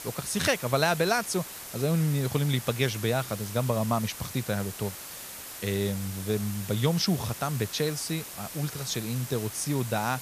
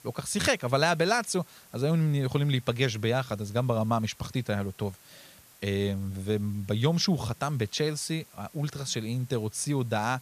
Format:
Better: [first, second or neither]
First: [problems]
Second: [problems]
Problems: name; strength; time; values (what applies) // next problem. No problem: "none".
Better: second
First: hiss; loud; throughout; 10 dB below the speech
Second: hiss; faint; throughout; 25 dB below the speech